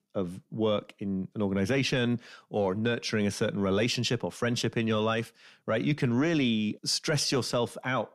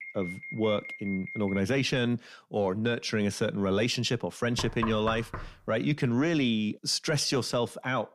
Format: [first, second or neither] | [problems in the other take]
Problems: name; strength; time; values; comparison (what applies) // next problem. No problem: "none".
first | alarm; faint; until 1.5 s; peak 10 dB below the speech // door banging; noticeable; at 4.5 s; peak 7 dB below the speech